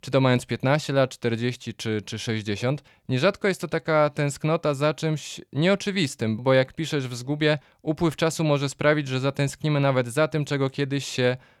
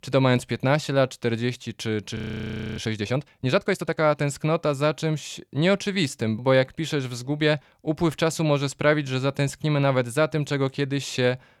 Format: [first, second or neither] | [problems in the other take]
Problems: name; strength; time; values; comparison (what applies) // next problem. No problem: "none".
first | audio freezing; at 2 s for 0.5 s